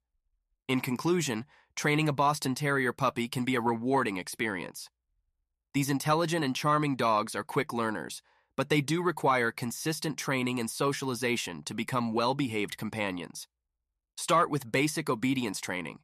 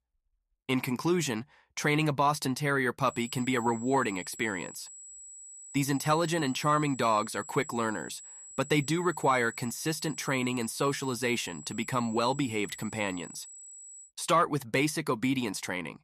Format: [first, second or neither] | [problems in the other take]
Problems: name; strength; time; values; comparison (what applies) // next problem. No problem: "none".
first | high-pitched whine; noticeable; from 3 to 14 s; 8 kHz, 15 dB below the speech